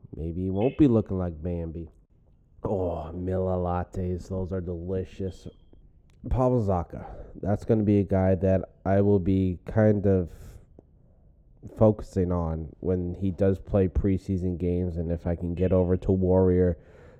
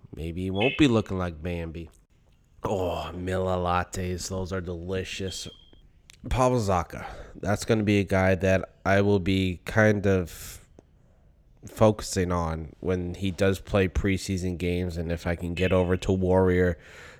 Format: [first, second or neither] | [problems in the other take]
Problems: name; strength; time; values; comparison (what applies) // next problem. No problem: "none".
second | muffled; very; fading above 1 kHz